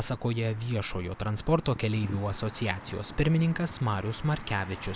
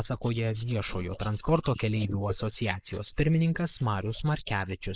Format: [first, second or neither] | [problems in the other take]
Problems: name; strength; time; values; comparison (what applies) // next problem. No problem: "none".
first | noise reduction (neural mask model Resemble Enhance denoiser)